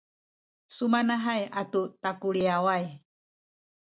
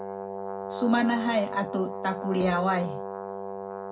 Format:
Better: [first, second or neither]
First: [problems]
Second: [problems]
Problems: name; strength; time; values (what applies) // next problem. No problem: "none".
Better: first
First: none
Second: background sound (Brass instrument); 6 dB below the speech // room echo; dies away in 0.4 s